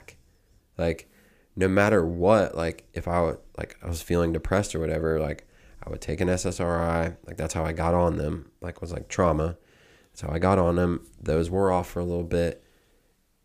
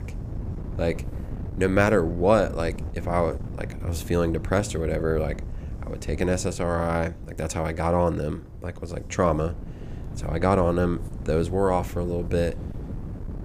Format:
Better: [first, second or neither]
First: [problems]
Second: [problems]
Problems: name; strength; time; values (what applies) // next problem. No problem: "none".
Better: first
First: none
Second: wind noise on the microphone; occasional gusts; 20 dB below the speech